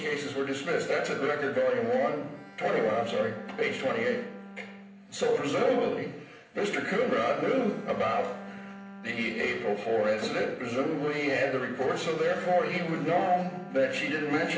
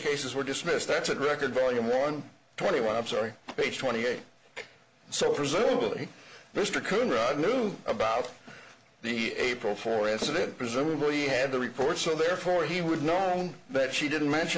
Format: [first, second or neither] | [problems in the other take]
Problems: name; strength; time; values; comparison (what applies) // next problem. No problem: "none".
second | background sound (Bowed string instrument); 17 dB below the speech // room echo; dies away in 0.8 s